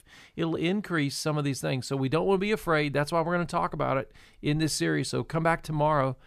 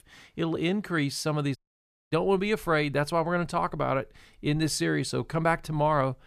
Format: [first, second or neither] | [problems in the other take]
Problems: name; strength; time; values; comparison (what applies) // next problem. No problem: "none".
first | audio cutting out; at 1.5 s for 0.5 s